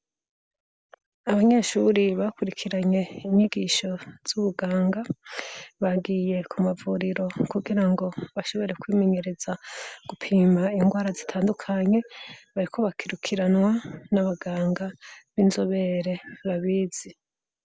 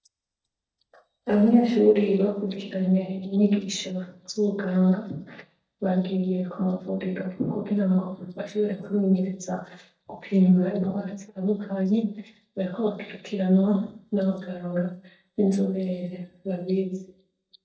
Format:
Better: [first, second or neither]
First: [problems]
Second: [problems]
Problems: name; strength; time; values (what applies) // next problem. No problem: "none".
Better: first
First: none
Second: noise reduction (neural mask model DeepFilterNet 3)